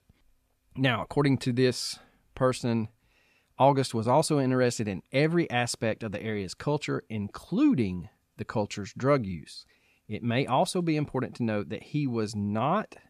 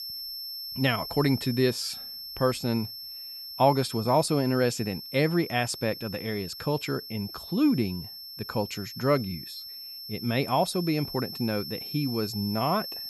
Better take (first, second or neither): first